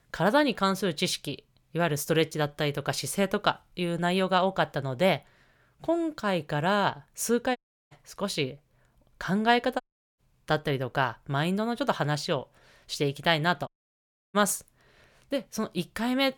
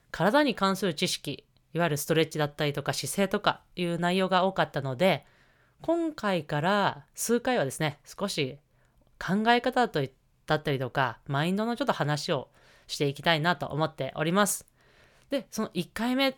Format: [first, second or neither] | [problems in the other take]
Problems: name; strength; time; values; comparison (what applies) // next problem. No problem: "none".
second | audio cutting out; at 7.5 s, at 10 s and at 14 s for 0.5 s